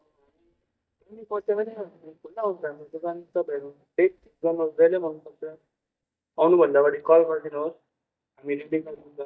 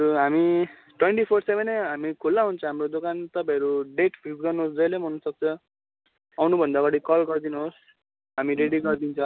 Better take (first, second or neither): second